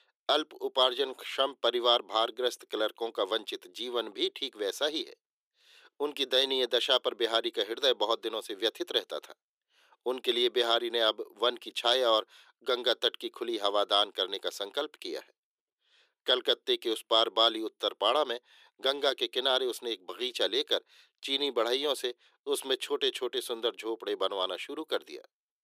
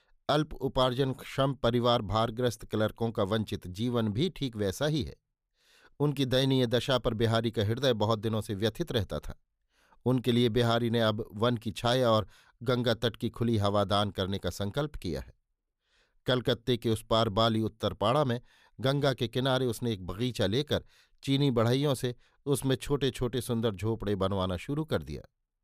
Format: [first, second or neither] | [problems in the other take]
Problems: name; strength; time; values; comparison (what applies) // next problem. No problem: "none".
second | thin; very; fading below 350 Hz